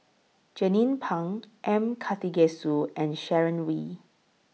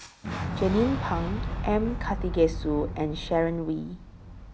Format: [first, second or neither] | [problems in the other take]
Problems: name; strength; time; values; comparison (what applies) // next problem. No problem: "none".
first | background sound (Boom); 5 dB below the speech